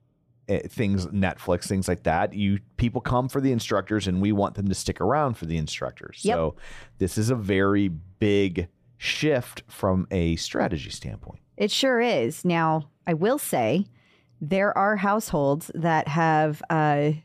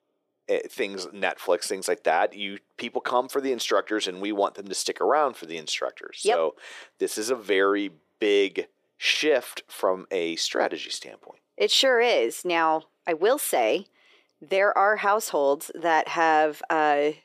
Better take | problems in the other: first | thin; very; fading below 350 Hz

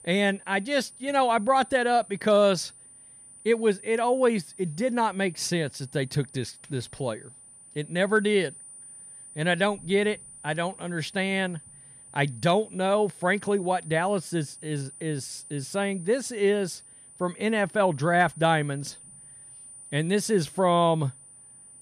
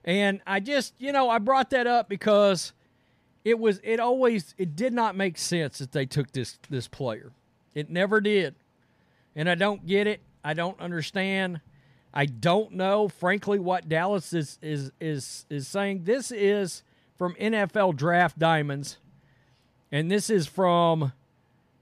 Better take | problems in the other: second | high-pitched whine; noticeable; throughout; 9.5 kHz, 20 dB below the speech

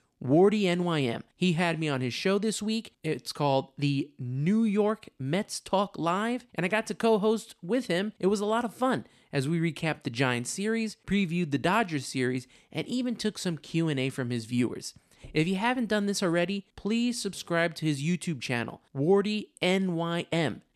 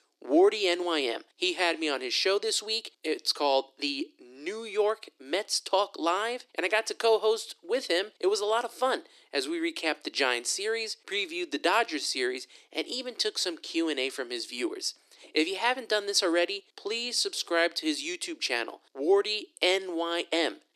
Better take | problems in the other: first | thin; very; fading below 300 Hz

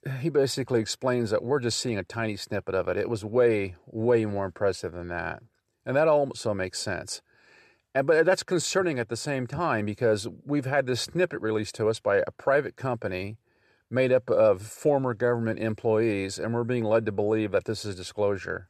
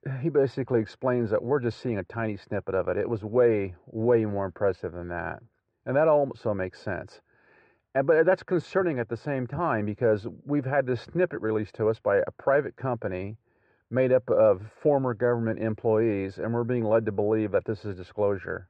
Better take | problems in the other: first | muffled; very; fading above 1.5 kHz

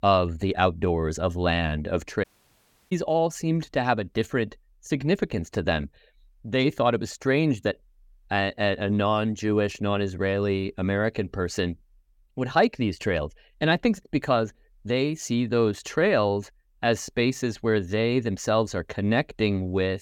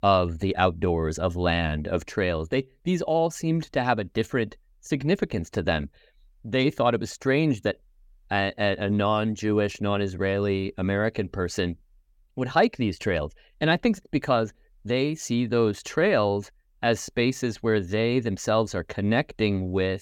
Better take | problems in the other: second | audio cutting out; at 2 s for 0.5 s

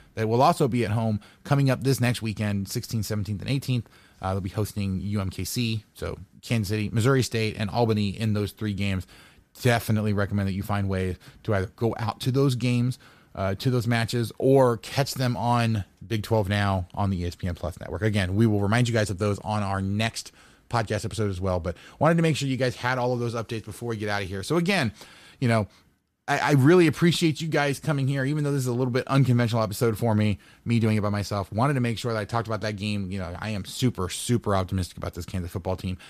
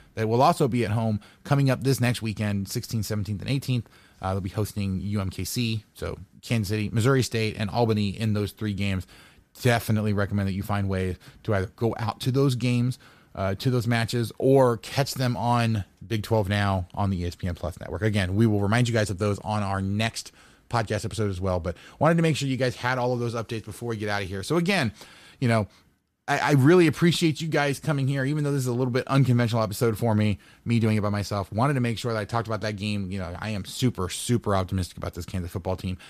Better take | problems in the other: neither | none

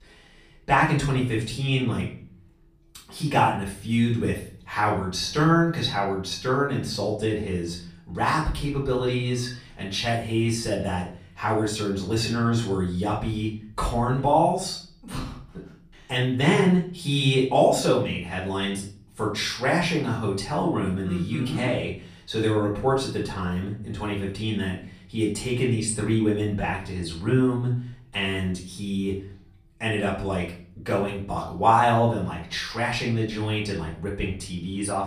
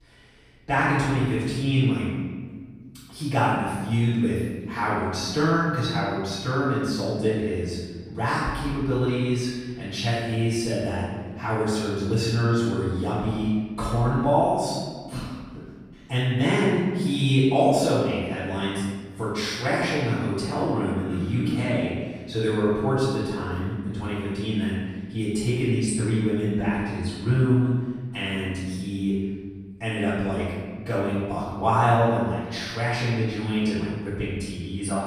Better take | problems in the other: first | room echo; strong; dies away in 1.4 s; slight in the first // off-mic speech; far; far in the first

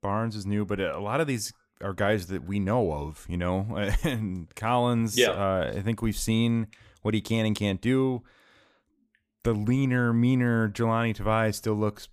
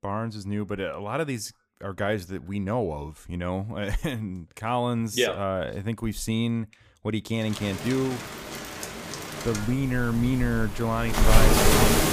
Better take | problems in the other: first | rain or running water; very loud; from 7.5 s on; 2 dB above the speech

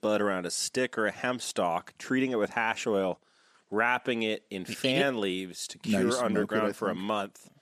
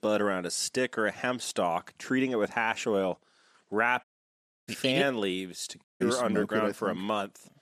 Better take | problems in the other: first | audio cutting out; at 4 s for 0.5 s and at 6 s

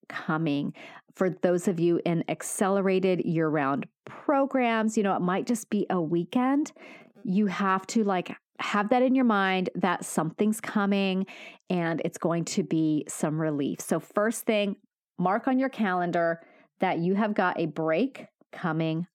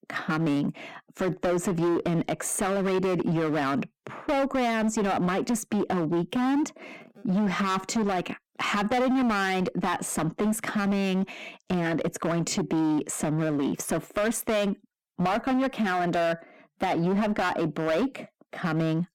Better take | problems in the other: first | distortion; heavy; 19% of the sound clipped

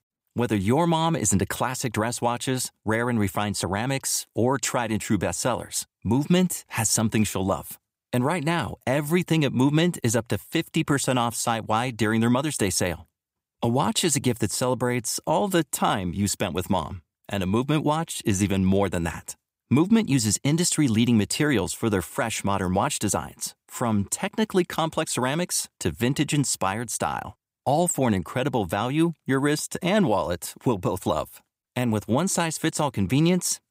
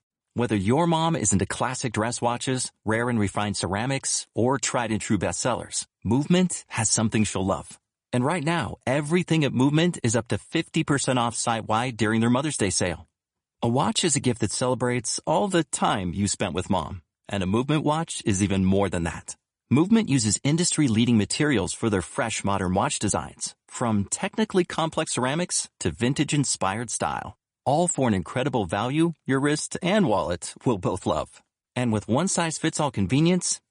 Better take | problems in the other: first | garbled, watery; slightly; nothing above 10 kHz

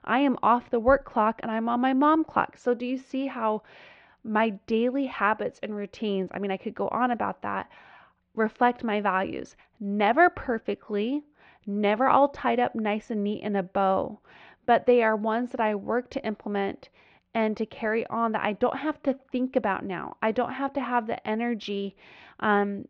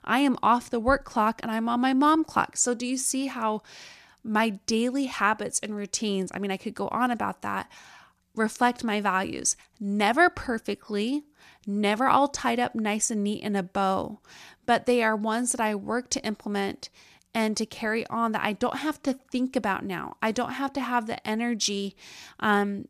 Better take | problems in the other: second | muffled; very; fading above 3 kHz

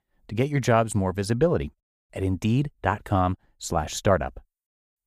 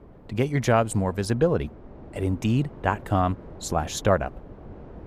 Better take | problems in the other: first | wind noise on the microphone; occasional gusts; 20 dB below the speech

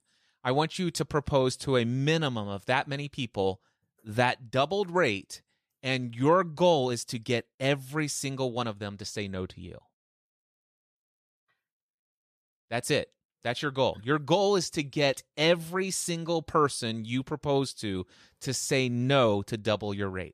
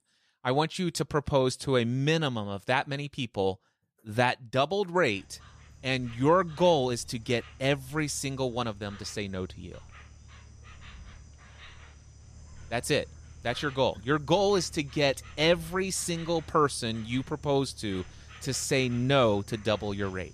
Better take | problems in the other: first | animal sounds; faint; from 5 s on; 20 dB below the speech

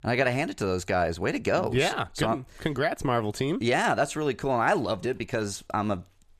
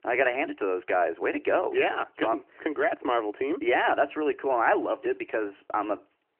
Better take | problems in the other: first | phone-call audio; nothing above 3 kHz

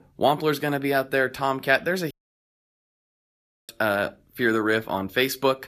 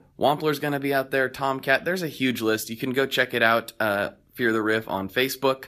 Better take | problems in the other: second | audio cutting out; at 2 s for 1.5 s

